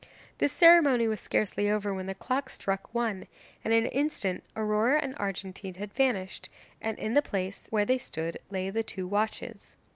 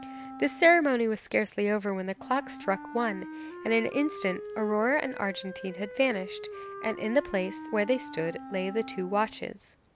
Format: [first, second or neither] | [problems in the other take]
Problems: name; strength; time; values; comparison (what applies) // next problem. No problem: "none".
first | background sound (Wind instrument, woodwind instrument); 13 dB below the speech